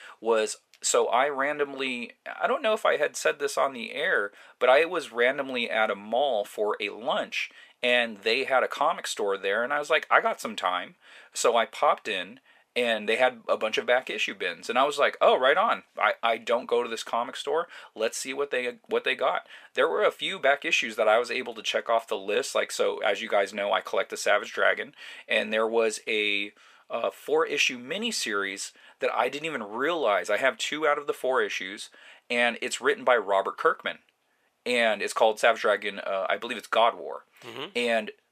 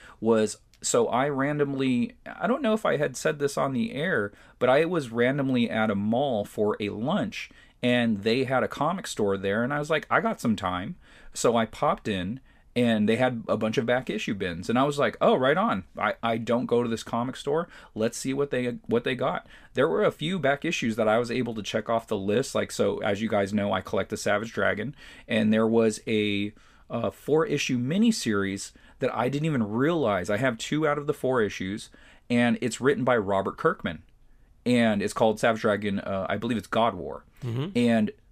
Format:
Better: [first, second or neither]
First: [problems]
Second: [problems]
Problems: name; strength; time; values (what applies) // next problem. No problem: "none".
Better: second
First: thin; very; fading below 600 Hz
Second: none